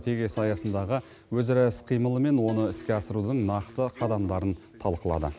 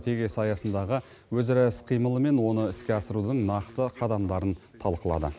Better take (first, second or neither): second